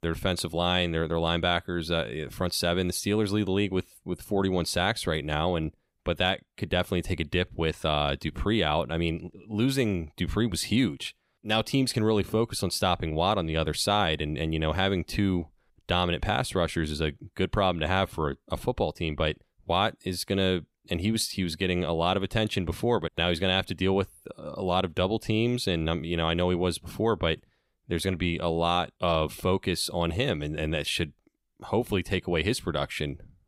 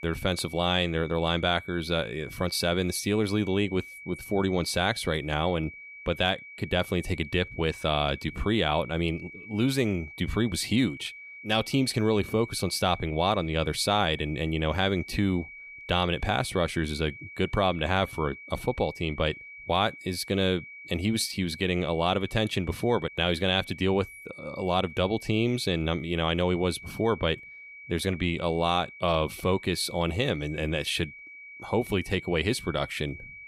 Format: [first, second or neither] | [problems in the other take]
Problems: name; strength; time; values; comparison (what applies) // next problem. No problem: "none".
first | high-pitched whine; noticeable; throughout; 2.5 kHz, 15 dB below the speech